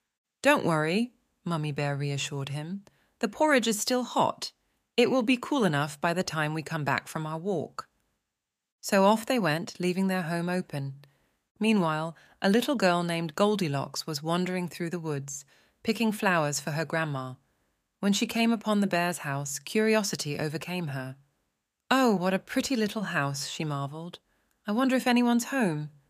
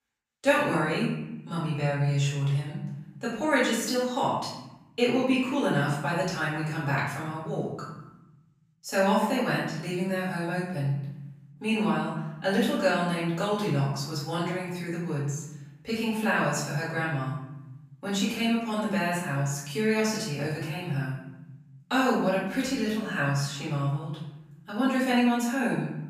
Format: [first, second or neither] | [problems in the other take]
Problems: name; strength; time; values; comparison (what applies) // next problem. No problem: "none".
first | off-mic speech; far // room echo; noticeable; dies away in 1 s